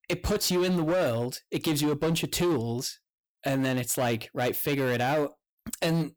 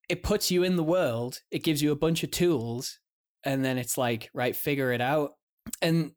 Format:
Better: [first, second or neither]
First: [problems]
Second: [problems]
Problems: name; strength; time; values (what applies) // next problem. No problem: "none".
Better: second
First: distortion; slight; 15% of the sound clipped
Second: none